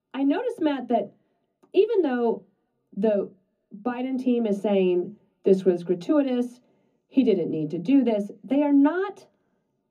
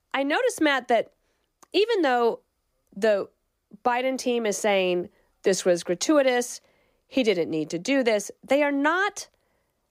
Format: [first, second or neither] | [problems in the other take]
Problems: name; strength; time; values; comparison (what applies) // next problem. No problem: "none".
second | room echo; slight; dies away in 0.3 s // off-mic speech; far